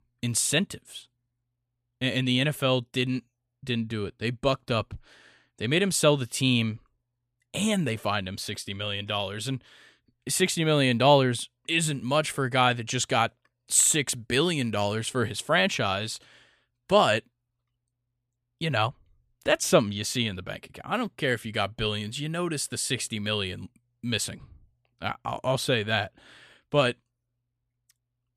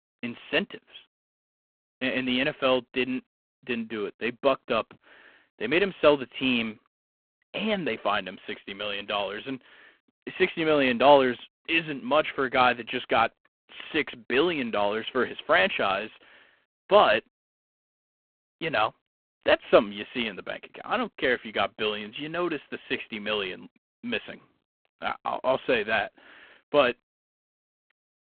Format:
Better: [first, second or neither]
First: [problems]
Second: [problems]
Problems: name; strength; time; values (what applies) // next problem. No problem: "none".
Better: first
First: none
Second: phone-call audio; poor line